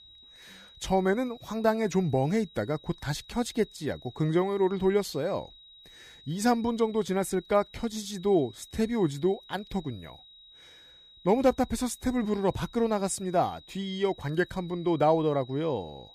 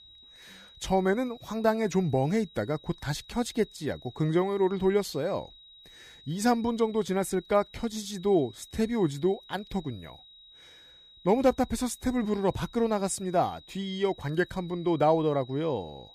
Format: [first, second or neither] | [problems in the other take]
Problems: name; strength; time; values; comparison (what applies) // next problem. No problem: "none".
neither | high-pitched whine; faint; throughout; 4 kHz, 25 dB below the speech; the same in both